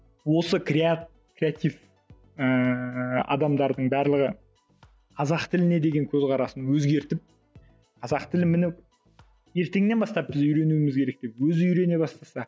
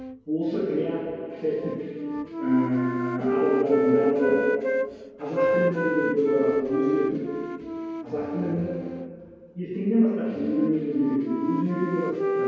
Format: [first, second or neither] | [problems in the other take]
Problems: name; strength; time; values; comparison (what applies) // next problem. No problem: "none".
first | background sound (Wind instrument, woodwind instrument); 3 dB below the speech // room echo; dies away in 2.2 s